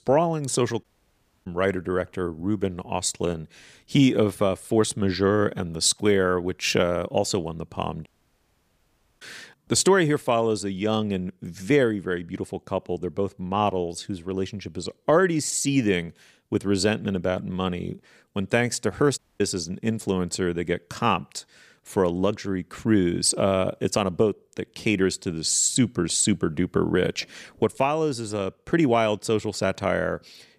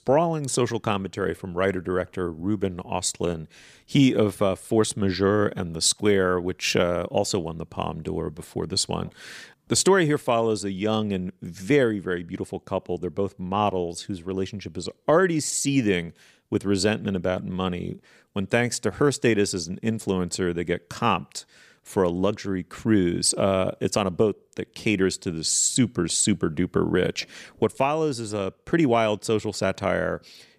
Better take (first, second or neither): second